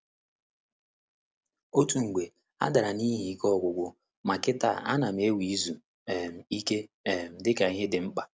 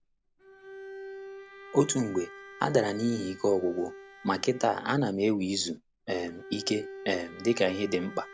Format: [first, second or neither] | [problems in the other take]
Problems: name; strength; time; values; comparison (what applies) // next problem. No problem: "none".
first | background sound (Bowed string instrument); 16 dB below the speech